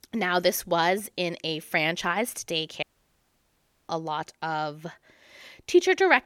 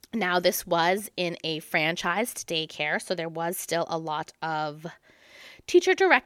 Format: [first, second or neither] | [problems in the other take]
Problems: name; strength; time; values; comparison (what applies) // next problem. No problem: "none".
second | audio cutting out; at 3 s for 1 s